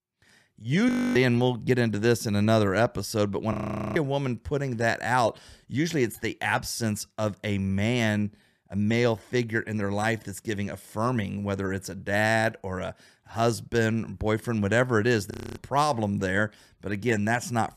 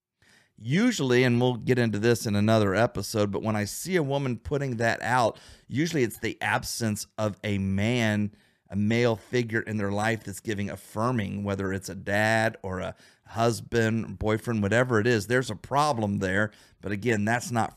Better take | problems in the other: second | audio freezing; at 1 s, at 3.5 s and at 15 s

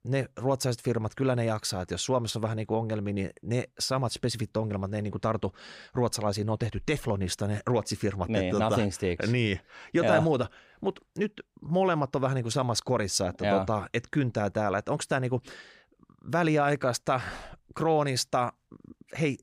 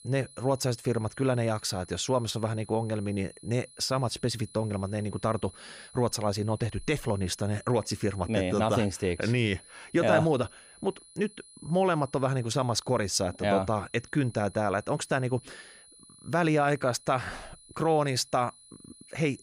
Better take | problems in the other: first | high-pitched whine; faint; throughout; 10 kHz, 20 dB below the speech

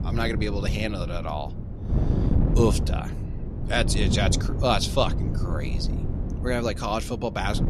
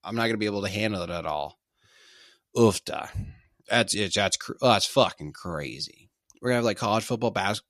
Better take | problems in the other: second | wind noise on the microphone; heavy; 10 dB below the speech

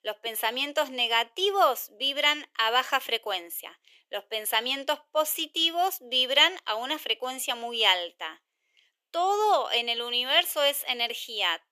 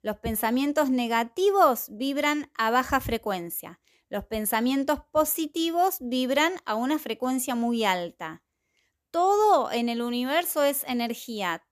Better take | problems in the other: second | thin; very; fading below 400 Hz

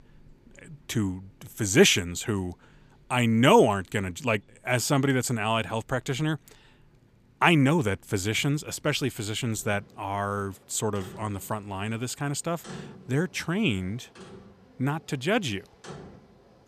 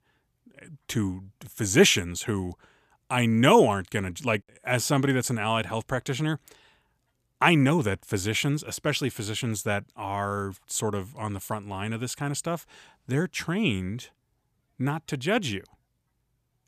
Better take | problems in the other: second | household noises; faint; throughout; 25 dB below the speech

